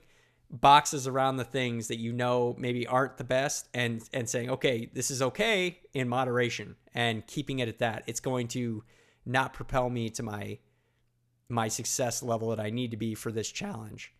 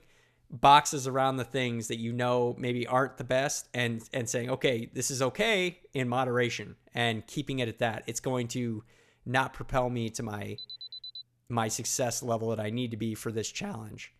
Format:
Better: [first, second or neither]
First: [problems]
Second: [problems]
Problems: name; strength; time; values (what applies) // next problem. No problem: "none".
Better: first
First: none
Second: alarm; faint; at 11 s; peak 10 dB below the speech